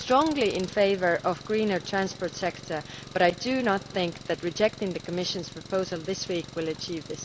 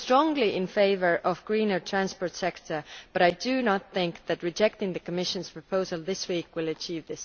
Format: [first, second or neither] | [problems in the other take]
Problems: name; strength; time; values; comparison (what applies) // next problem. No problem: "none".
second | background sound (Engine); 16 dB below the speech